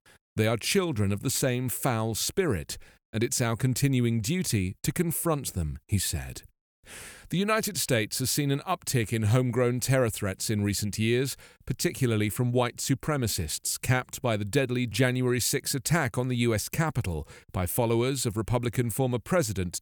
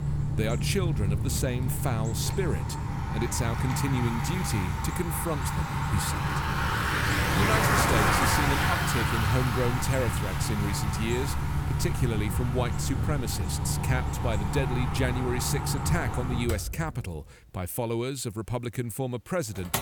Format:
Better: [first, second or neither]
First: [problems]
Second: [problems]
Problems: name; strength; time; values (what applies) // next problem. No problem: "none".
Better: first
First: none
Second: traffic noise; very loud; throughout; 3 dB above the speech